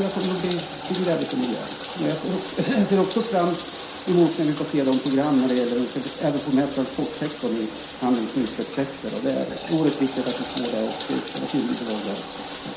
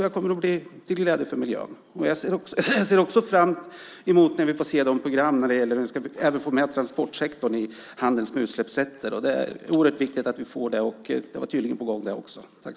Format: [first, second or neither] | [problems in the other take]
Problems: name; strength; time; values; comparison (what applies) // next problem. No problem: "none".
second | background sound (Bathtub (filling or washing)); 11 dB below the speech // room echo; dies away in 0.5 s